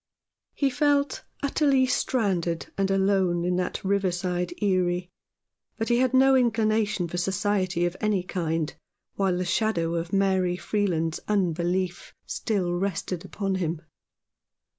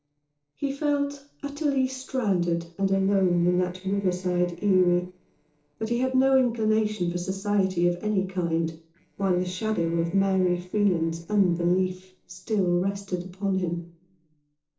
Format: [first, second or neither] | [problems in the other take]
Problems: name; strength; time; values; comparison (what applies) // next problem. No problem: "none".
first | noise reduction (neural separator model SepFormer DNS4)